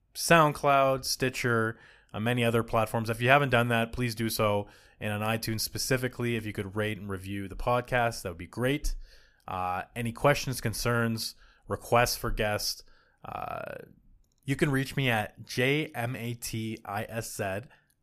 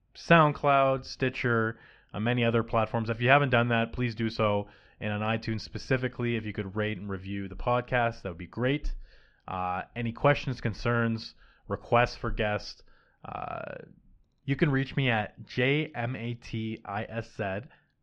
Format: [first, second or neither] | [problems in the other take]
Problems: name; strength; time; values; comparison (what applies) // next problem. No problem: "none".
first | muffled; slightly; fading above 4 kHz